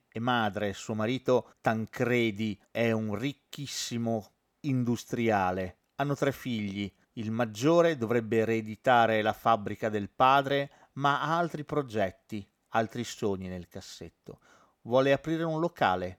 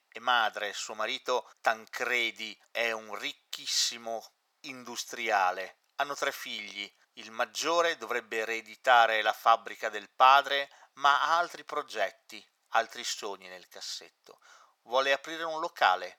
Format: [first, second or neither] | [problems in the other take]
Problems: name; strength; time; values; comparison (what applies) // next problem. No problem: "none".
first | thin; very; fading below 900 Hz